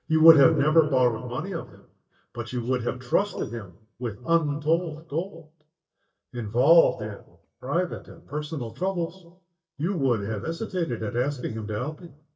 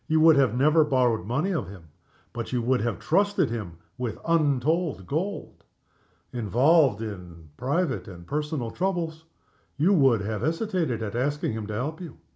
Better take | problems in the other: second | noise reduction (neural mask model DeepFilterNet 3)

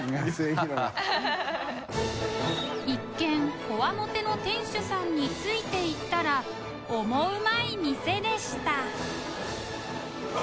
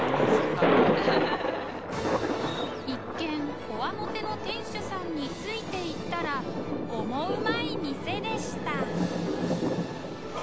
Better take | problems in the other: first | background sound (Thunder); 4 dB above the speech

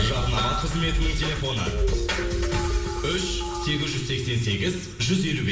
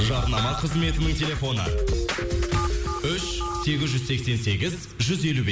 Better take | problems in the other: second | room echo; dies away in 1.1 s

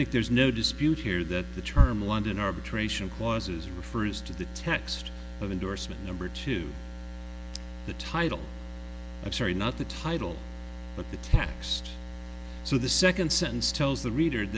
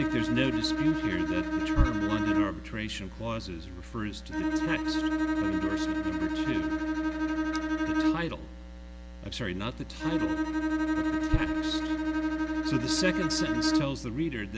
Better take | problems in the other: first | background sound (Bowed string instrument); 3 dB above the speech

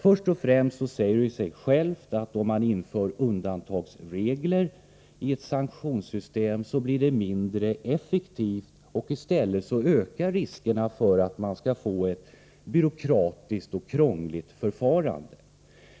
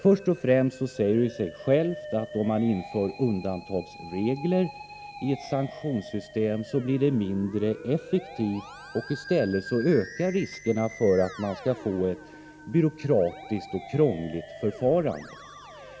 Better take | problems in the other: first | background sound (Musical instrument); 16 dB below the speech

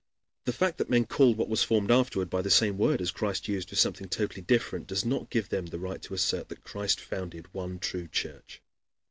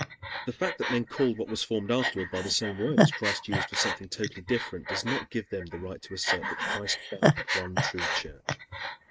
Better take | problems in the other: first | noise reduction (neural mask model Resemble Enhance denoiser)

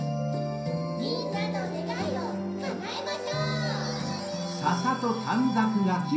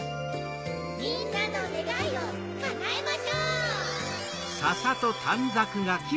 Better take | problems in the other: second | room echo; dies away in 0.6 s

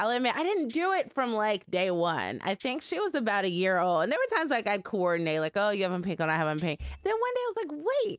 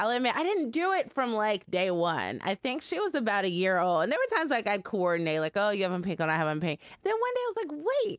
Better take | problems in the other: second | noise reduction (neural mask model DeepFilterNet 3)

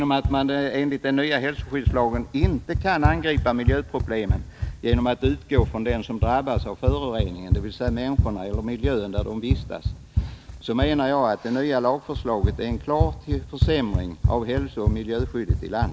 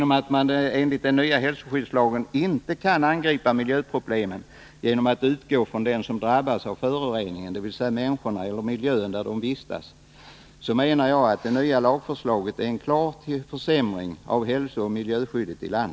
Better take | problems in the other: second | background sound (Run); 1 dB below the speech

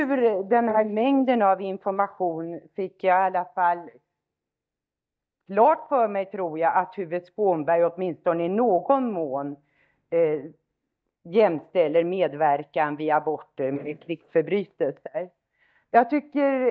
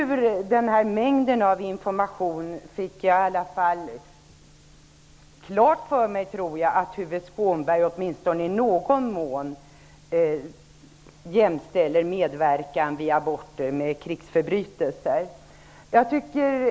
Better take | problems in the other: second | noise reduction (neural mask model DeepFilterNet 3)

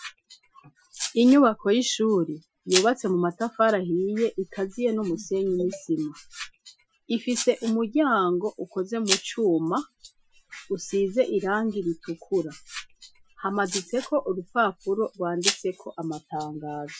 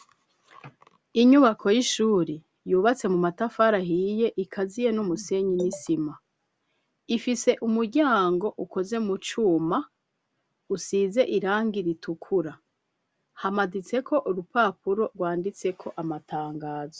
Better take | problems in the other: second | noise reduction (classical method Wiener filter)

